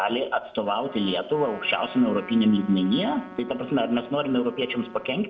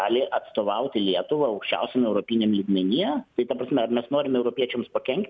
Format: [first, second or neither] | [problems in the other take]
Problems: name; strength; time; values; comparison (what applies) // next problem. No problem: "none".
second | background sound (Trumpet); 20 dB below the speech // room echo; dies away in 0.5 s